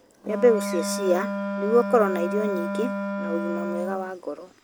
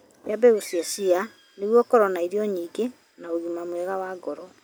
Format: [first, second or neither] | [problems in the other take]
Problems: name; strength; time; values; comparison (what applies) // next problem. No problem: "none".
second | background sound (Wind instrument, woodwind instrument); 4 dB below the speech